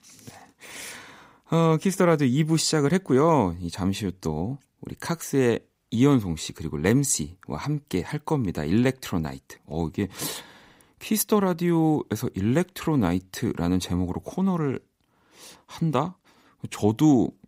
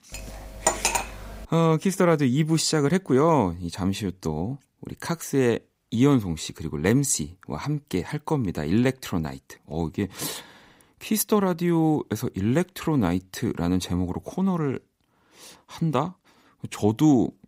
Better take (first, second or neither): first